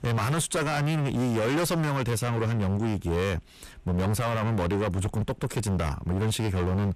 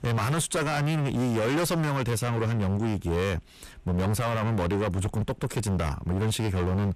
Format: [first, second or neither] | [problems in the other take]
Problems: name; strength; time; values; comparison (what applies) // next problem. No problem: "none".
neither | distortion; heavy; 27% of the sound clipped; the same in both